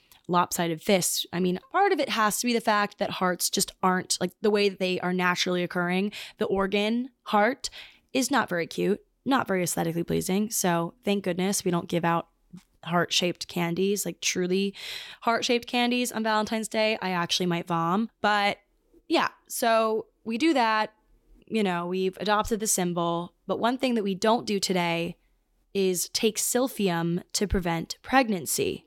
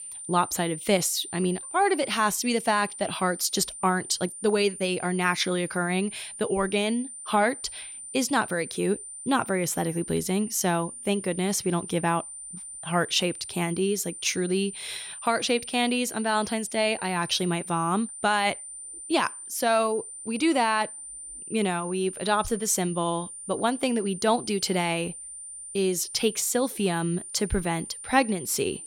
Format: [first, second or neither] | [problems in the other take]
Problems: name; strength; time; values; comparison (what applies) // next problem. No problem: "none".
first | high-pitched whine; noticeable; throughout; 9 kHz, 10 dB below the speech